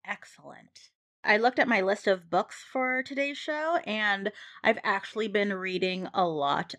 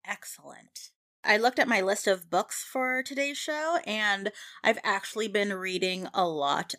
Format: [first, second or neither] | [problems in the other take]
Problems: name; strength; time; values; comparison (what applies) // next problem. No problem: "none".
second | muffled; very slightly; fading above 3.5 kHz